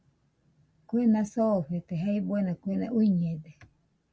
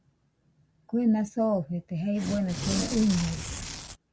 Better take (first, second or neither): first